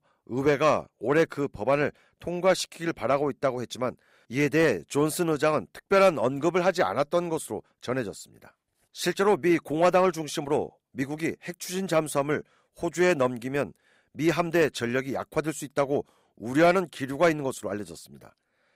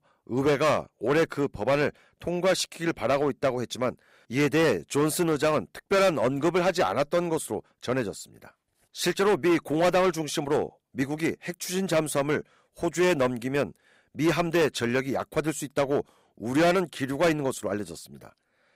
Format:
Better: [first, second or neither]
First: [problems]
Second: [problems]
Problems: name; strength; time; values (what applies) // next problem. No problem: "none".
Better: first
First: none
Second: distortion; slight; 7% of the sound clipped